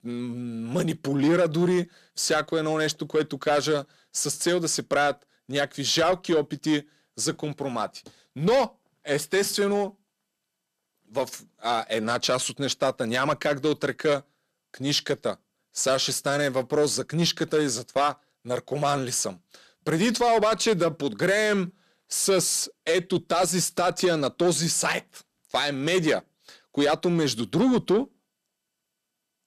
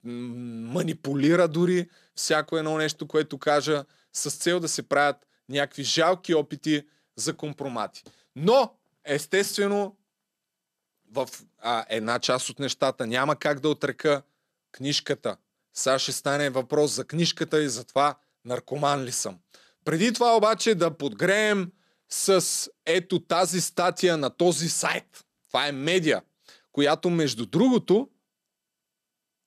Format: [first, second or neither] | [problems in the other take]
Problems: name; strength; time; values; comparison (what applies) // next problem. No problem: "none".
second | distortion; slight; 10 dB below the speech